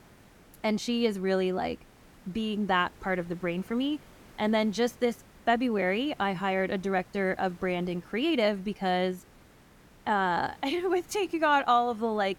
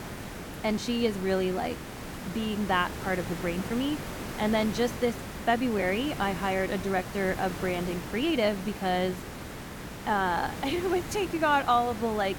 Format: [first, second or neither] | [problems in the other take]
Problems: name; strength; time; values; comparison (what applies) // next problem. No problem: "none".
first | hiss; loud; throughout; 9 dB below the speech; faint in the first